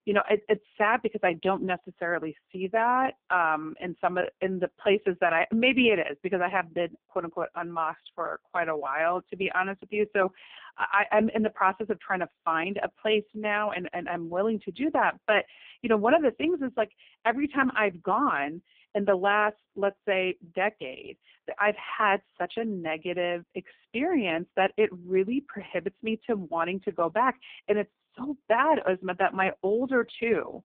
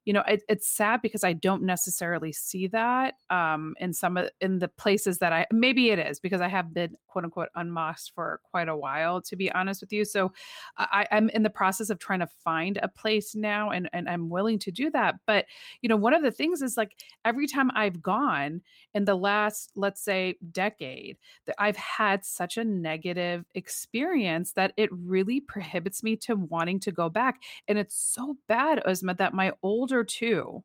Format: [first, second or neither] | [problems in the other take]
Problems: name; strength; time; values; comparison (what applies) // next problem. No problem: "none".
second | phone-call audio; poor line